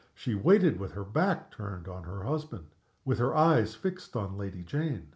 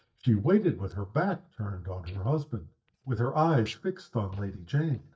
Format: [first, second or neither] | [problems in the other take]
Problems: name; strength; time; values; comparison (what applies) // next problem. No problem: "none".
first | noise reduction (neural mask model DeepFilterNet 3)